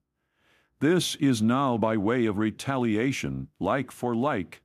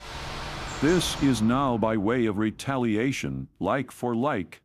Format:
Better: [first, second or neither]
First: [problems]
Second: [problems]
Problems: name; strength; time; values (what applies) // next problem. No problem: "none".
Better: first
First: none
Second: rain or running water; noticeable; until 1 s; 10 dB below the speech